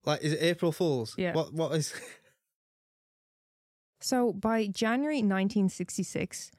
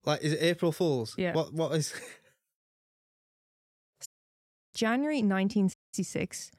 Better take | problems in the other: first | audio cutting out; at 4 s for 0.5 s and at 5.5 s

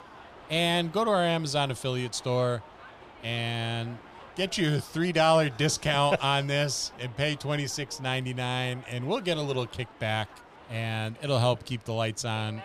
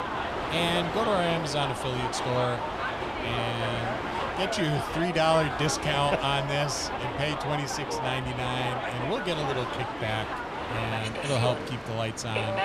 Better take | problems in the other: first | train or aircraft noise; loud; throughout; 2 dB below the speech; faint in the first

